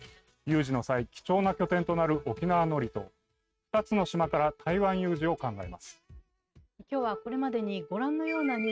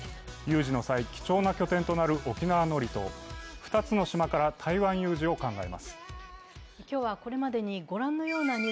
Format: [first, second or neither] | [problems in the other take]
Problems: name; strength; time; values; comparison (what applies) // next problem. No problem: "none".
second | noise reduction (neural mask model RNNoise)